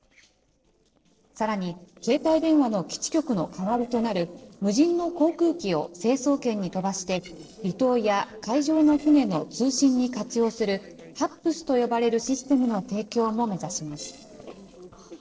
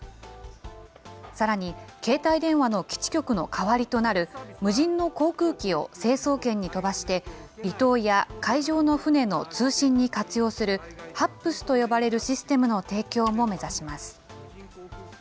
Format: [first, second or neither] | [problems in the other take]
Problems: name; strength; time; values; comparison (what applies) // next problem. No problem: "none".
second | noise reduction (neural separator model SepFormer DNS4)